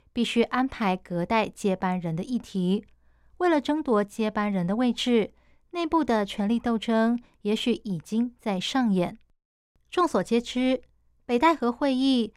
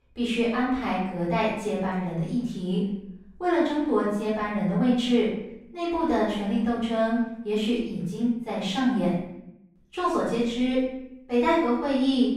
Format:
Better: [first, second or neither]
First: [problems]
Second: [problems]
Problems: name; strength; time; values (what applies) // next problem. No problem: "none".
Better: first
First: none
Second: off-mic speech; far // room echo; noticeable; dies away in 0.7 s